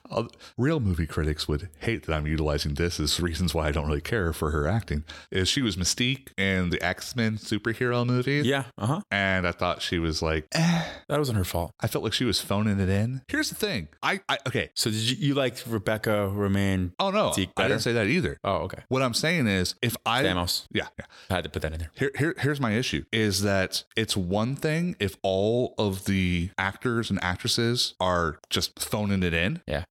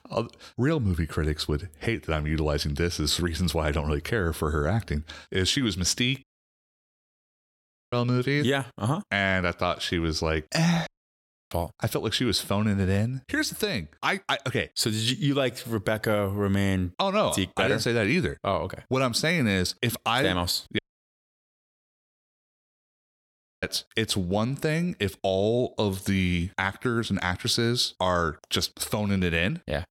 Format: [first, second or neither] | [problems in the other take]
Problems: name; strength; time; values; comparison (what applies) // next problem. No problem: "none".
first | audio cutting out; at 6 s for 1.5 s, at 11 s for 0.5 s and at 21 s for 3 s